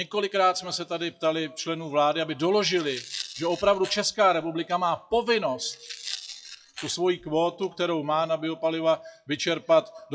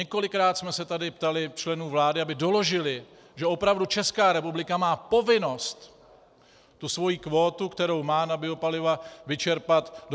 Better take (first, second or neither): second